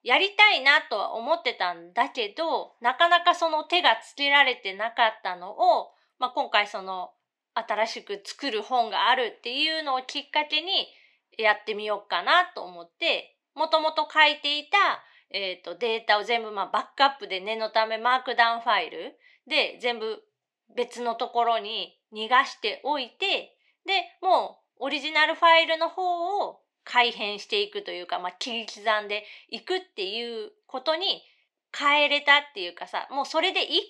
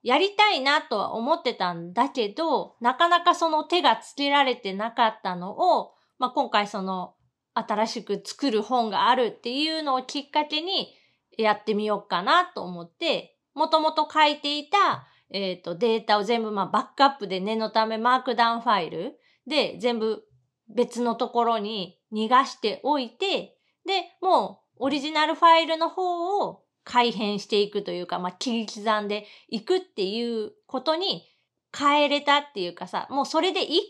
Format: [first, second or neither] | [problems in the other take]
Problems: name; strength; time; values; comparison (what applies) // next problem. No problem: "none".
second | thin; somewhat; fading below 300 Hz